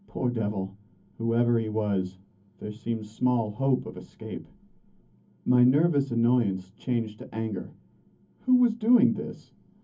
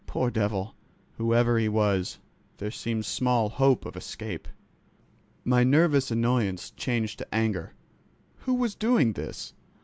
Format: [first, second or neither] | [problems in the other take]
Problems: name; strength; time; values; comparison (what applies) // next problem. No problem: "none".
second | room echo; dies away in 0.3 s